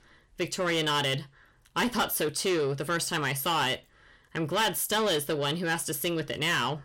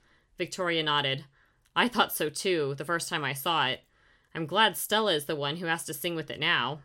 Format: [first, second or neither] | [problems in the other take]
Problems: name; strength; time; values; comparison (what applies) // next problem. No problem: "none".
second | distortion; heavy; 7 dB below the speech